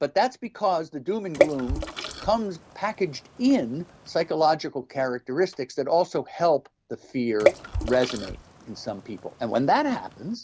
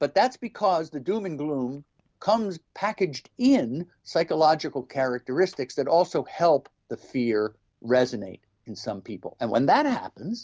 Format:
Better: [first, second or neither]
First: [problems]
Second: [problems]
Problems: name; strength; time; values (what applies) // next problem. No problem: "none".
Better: second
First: background sound (Water / Splash, splatter); 4 dB below the speech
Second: none